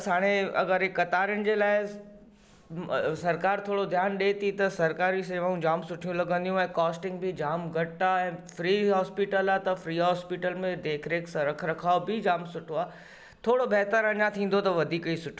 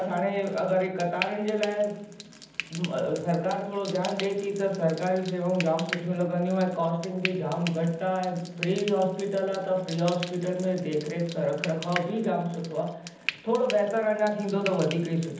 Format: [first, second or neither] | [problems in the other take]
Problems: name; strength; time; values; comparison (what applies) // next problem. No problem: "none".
first | background sound (Frying (food)); 13 dB below the speech // room echo; dies away in 0.8 s